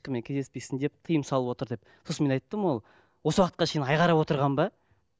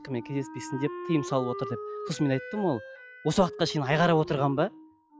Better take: first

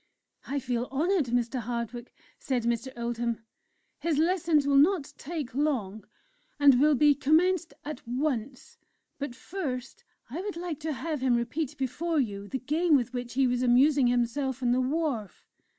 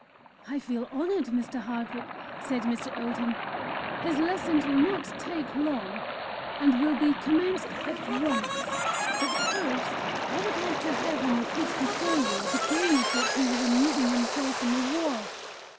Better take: first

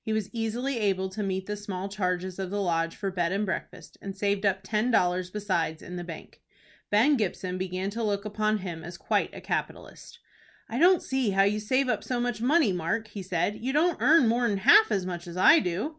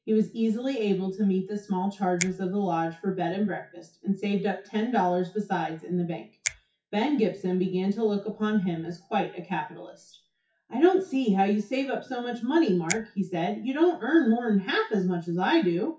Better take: first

